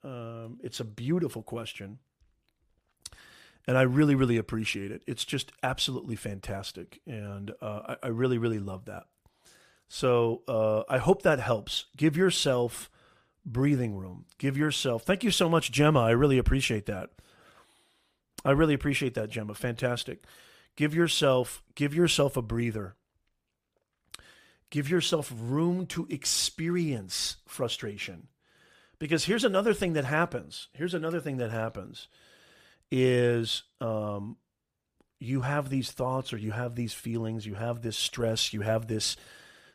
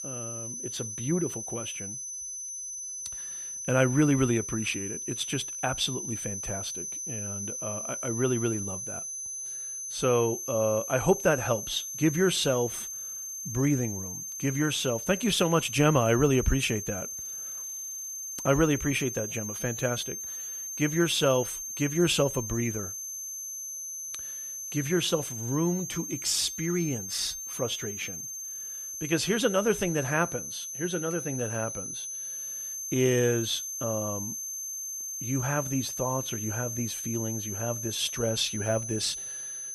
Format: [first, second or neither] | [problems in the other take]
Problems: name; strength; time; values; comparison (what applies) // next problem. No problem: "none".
first | high-pitched whine; loud; throughout; 6.5 kHz, 5 dB below the speech